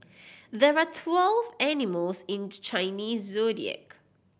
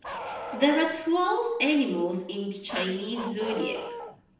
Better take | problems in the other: first | background sound (Bark); 12 dB below the speech // room echo; dies away in 0.8 s

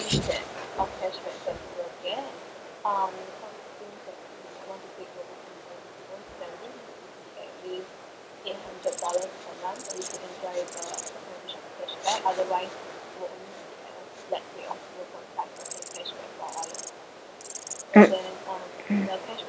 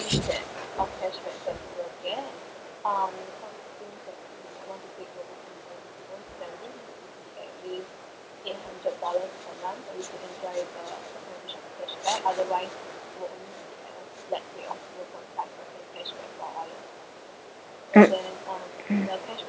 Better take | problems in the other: second | background sound (Insect); 11 dB below the speech

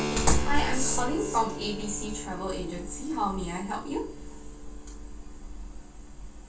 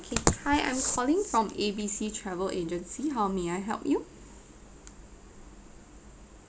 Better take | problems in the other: second | background sound (Keyboard (musical)); 10 dB below the speech // room echo; dies away in 0.3 s

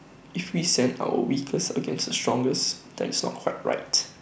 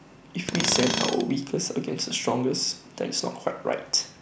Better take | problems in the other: first | background sound (Tools); 2 dB below the speech

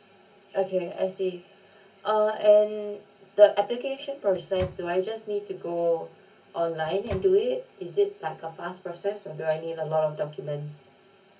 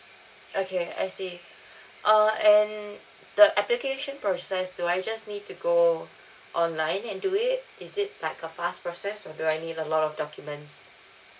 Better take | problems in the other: second | background sound (Microwave oven); 14 dB below the speech // room echo; dies away in 0.3 s

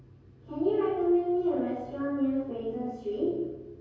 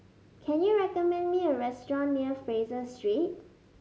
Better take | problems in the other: second | room echo; dies away in 1.3 s

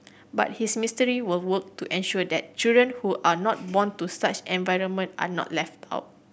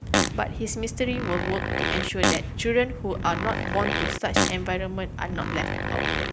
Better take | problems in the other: first | background sound (Fart); 2 dB above the speech

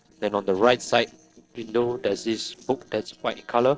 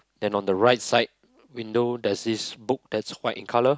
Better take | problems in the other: second | noise reduction (neural separator model SepFormer DNS4)

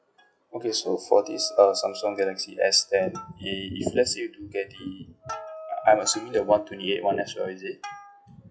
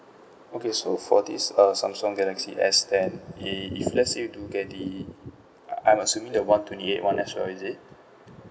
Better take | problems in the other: second | noise reduction (classical method log-MMSE)

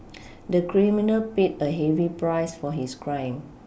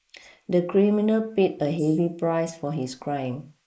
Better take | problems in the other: first | noise reduction (neural mask model Resemble Enhance denoiser)

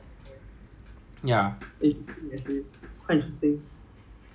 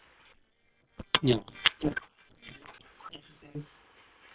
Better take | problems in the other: first | noise reduction (neural separator model SepFormer WHAM!)

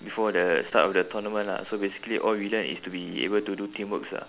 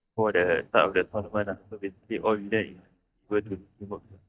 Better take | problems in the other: first | noise reduction (neural mask model DeepFilterNet 3)

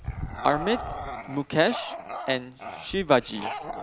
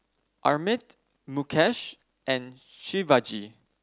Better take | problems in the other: second | background sound (Bark / Growling); 8 dB below the speech

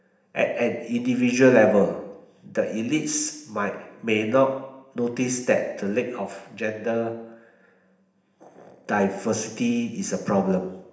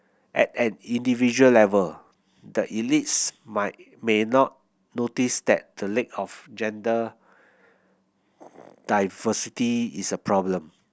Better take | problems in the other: second | room echo; dies away in 0.8 s

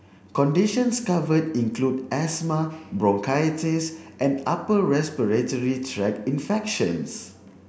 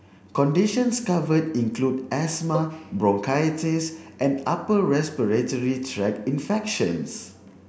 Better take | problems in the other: first | background sound (Bowed string instrument); 11 dB below the speech

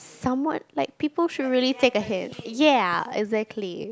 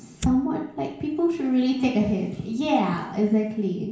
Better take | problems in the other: first | background sound (Fire); 20 dB below the speech // room echo; dies away in 0.6 s

